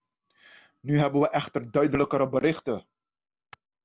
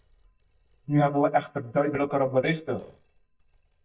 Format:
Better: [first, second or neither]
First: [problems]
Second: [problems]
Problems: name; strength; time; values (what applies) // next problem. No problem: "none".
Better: first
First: none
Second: noise reduction (neural mask model DeepFilterNet 3)